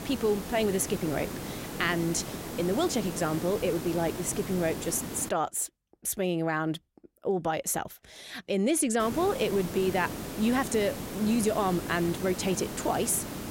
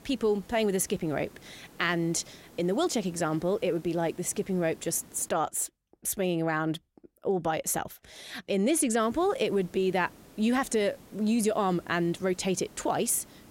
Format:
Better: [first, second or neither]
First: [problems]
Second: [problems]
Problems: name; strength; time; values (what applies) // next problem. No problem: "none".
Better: second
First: hiss; loud; until 5.5 s and from 9 s on; 8 dB below the speech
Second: hiss; faint; until 5.5 s and from 9 s on; 25 dB below the speech